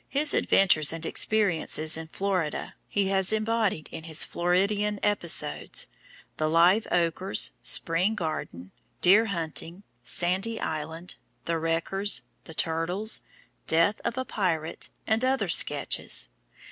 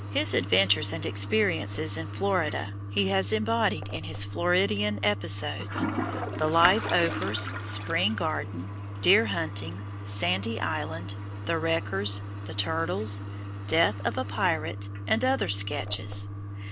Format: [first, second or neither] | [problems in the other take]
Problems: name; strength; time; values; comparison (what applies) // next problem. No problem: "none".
first | background sound (Toilet flush); 5 dB below the speech